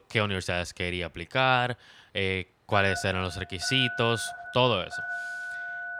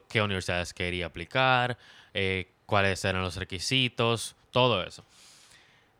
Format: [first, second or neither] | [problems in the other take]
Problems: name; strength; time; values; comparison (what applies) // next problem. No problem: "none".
second | phone ringing; noticeable; from 2.5 s on; peak 6 dB below the speech